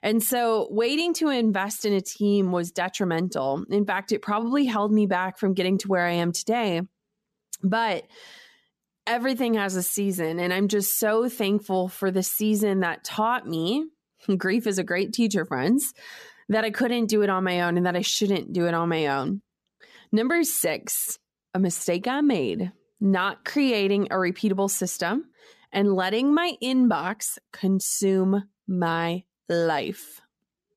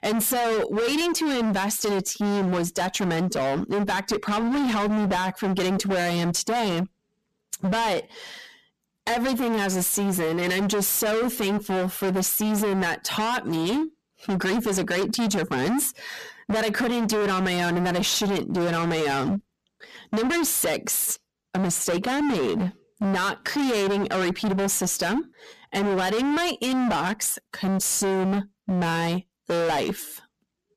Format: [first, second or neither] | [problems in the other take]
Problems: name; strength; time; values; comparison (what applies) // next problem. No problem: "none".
first | distortion; heavy; 34% of the sound clipped